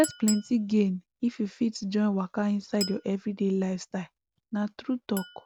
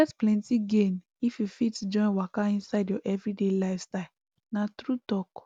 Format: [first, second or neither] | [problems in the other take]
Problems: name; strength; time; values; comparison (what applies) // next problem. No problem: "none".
second | background sound (Chink, clink); 16 dB below the speech